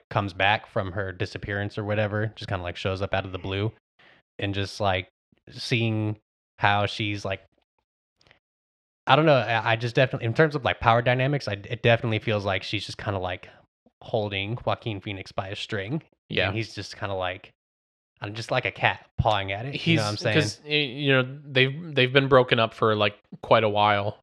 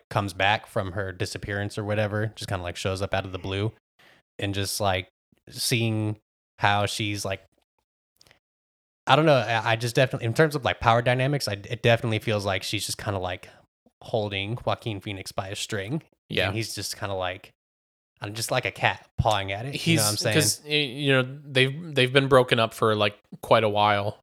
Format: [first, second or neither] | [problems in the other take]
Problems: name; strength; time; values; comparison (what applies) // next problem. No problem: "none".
second | muffled; very slightly; fading above 3 kHz